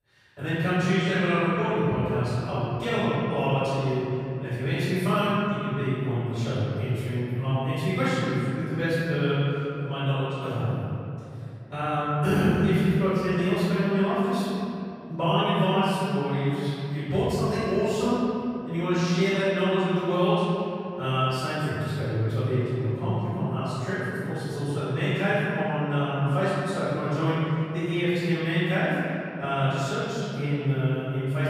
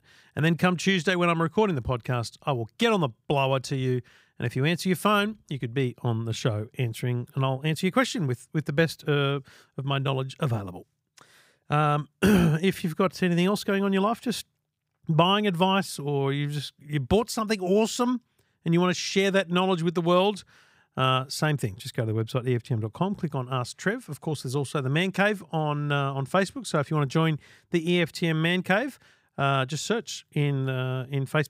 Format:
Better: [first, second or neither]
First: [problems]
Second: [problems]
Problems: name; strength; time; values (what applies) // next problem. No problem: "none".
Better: second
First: room echo; strong; dies away in 2.9 s // off-mic speech; far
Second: none